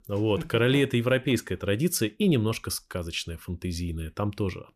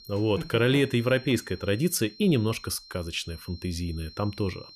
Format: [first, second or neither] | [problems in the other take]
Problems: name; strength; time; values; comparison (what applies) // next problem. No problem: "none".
first | high-pitched whine; noticeable; throughout; 4 kHz, 20 dB below the speech